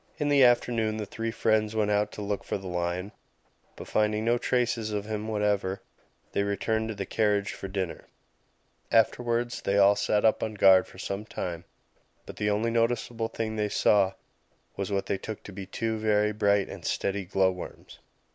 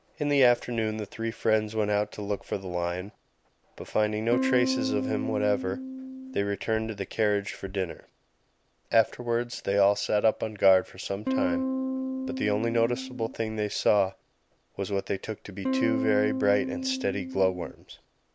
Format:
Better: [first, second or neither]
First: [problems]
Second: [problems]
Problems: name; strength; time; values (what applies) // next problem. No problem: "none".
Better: first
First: none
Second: background sound (Electric guitar / Strum); 2 dB below the speech